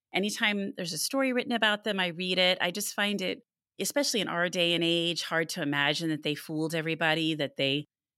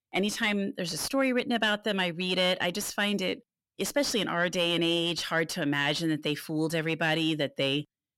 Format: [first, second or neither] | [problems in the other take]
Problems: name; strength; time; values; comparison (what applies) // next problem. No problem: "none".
first | distortion; slight; 10 dB below the speech